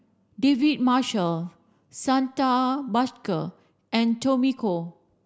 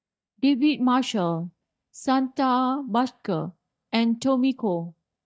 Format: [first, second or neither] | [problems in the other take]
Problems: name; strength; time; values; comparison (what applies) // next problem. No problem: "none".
first | noise reduction (neural mask model DeepFilterNet 3)